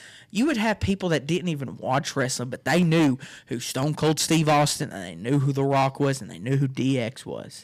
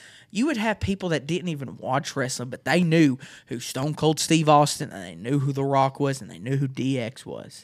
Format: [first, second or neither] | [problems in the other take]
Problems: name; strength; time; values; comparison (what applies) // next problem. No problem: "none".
second | distortion; slight; 7% of the sound clipped